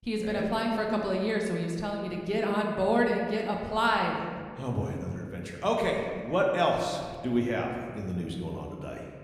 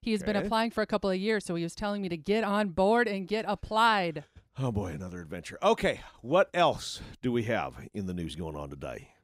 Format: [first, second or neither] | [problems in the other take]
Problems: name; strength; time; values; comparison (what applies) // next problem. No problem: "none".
second | room echo; noticeable; dies away in 1.6 s // off-mic speech; somewhat distant